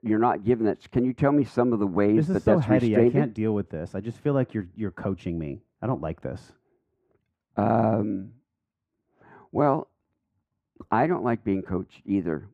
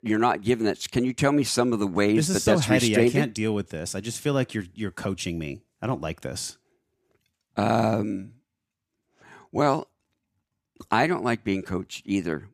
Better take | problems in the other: second | muffled; very; fading above 2.5 kHz

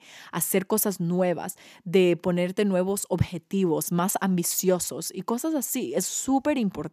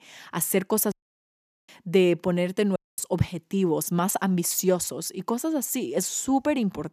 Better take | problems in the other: first | audio cutting out; at 1 s for 1 s and at 3 s

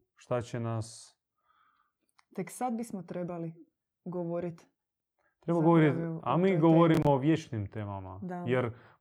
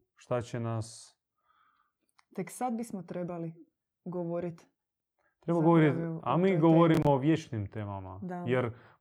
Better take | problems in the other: neither | none

